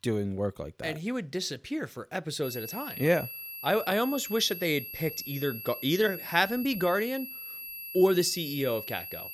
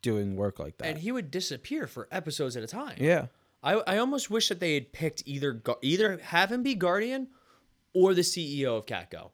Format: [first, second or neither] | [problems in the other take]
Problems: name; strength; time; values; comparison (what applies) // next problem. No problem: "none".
second | high-pitched whine; loud; from 2.5 s on; 11.5 kHz, 9 dB below the speech